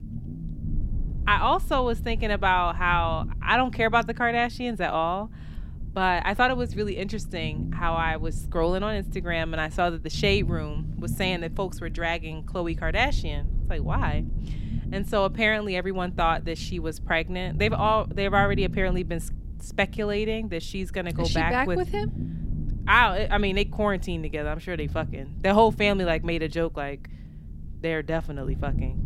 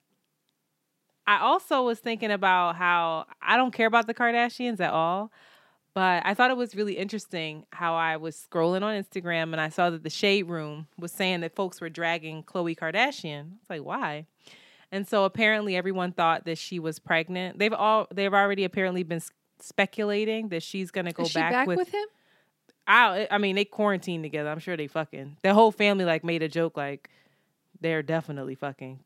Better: second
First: low rumble; faint; throughout; 20 dB below the speech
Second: none

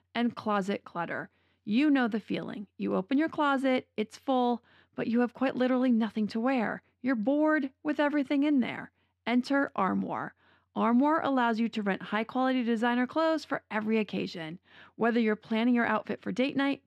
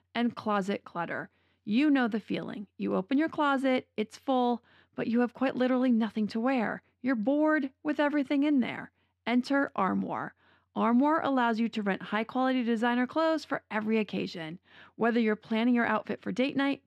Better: neither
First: muffled; slightly; fading above 3.5 kHz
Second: muffled; slightly; fading above 3.5 kHz

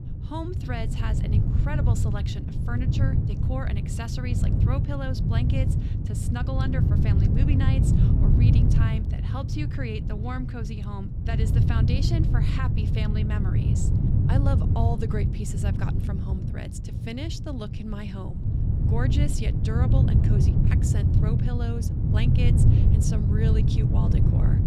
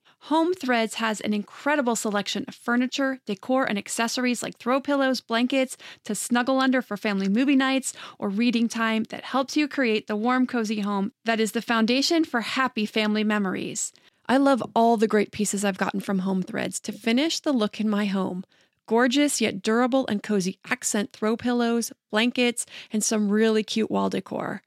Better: second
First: wind noise on the microphone; heavy; 1 dB above the speech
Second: none

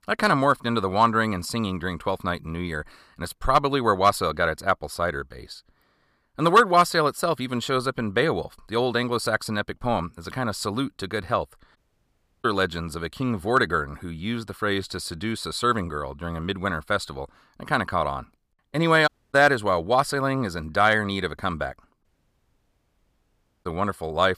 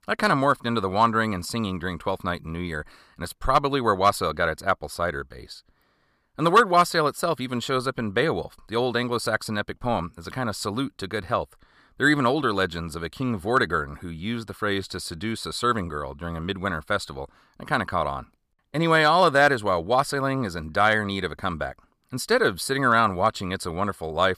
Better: second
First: audio cutting out; at 12 s for 0.5 s, at 19 s and at 22 s for 1.5 s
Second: none

